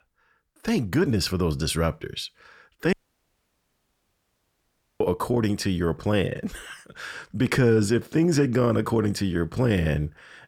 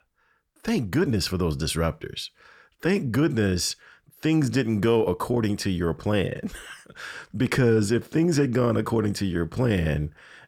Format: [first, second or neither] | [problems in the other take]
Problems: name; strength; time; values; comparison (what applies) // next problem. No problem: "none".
second | audio cutting out; at 3 s for 2 s